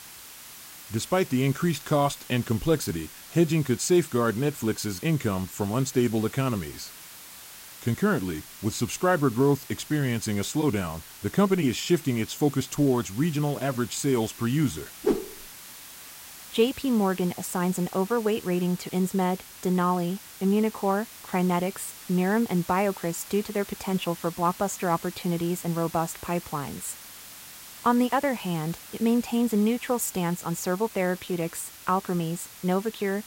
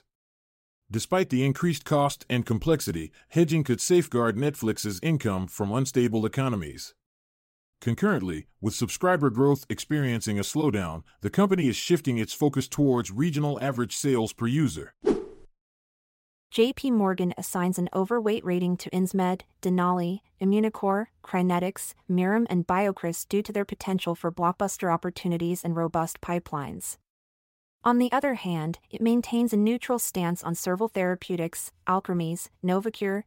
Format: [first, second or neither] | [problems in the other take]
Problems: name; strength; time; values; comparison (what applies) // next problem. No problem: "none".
second | hiss; noticeable; throughout; 15 dB below the speech